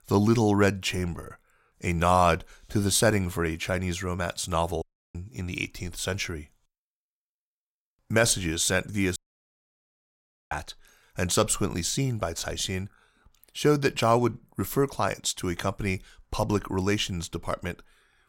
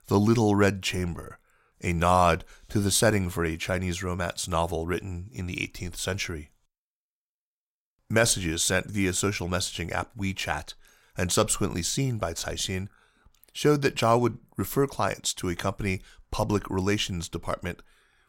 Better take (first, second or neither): second